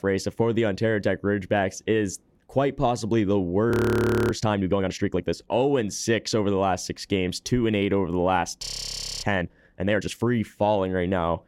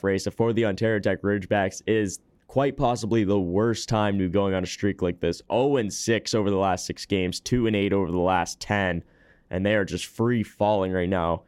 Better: second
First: audio freezing; at 3.5 s for 0.5 s and at 8.5 s for 0.5 s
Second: none

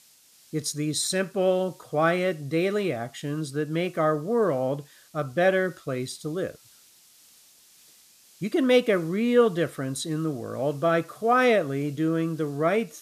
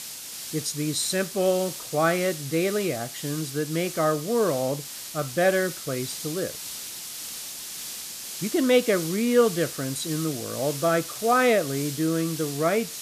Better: first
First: hiss; faint; throughout; 30 dB below the speech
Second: hiss; loud; throughout; 8 dB below the speech

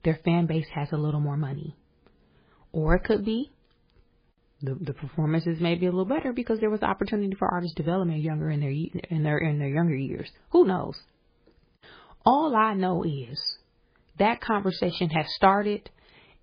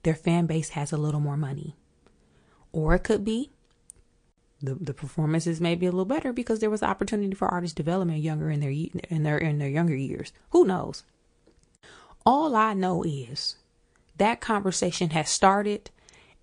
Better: second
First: garbled, watery; badly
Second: garbled, watery; slightly; nothing above 8.5 kHz

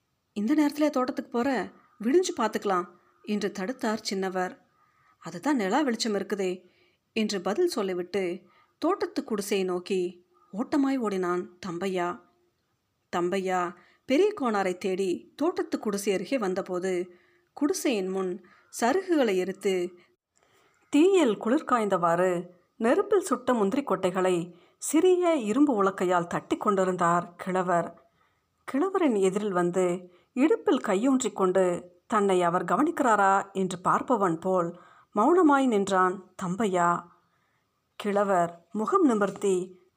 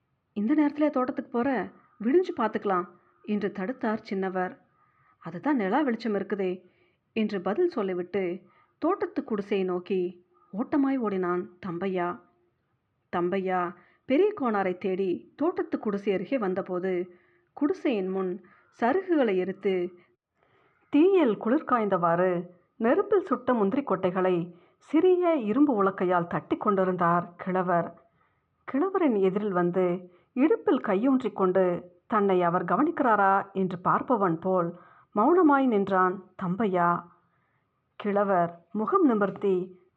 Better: first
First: none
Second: muffled; very; fading above 2.5 kHz

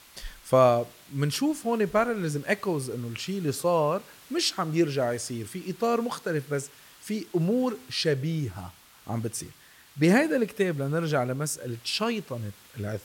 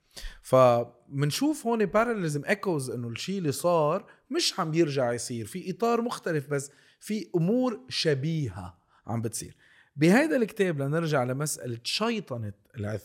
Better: second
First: hiss; faint; throughout; 25 dB below the speech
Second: none

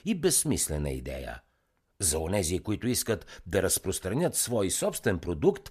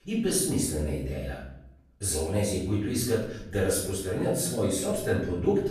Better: first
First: none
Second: room echo; noticeable; dies away in 0.7 s // off-mic speech; far

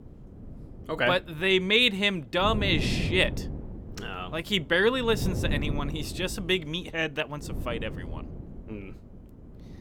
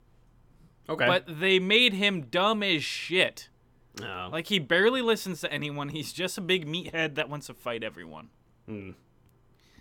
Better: second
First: wind noise on the microphone; occasional gusts; 15 dB below the speech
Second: none

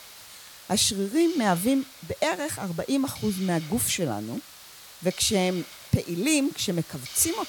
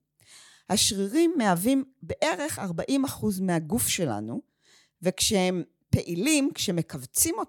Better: second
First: hiss; noticeable; throughout; 15 dB below the speech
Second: none

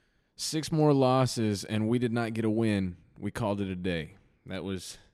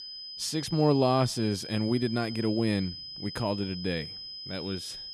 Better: first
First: none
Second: high-pitched whine; loud; throughout; 5 kHz, 9 dB below the speech

